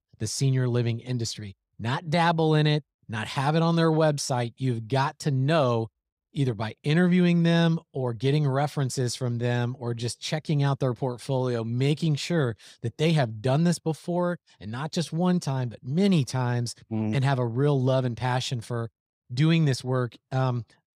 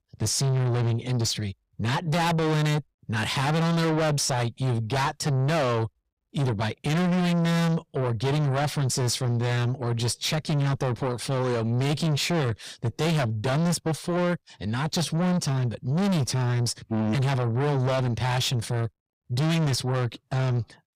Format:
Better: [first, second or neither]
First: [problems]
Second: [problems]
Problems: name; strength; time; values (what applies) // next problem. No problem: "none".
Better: first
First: none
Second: distortion; heavy; 5 dB below the speech